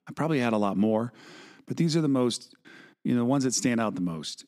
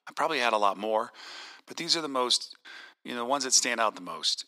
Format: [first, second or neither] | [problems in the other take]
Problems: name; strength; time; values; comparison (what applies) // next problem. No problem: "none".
first | thin; very; fading below 750 Hz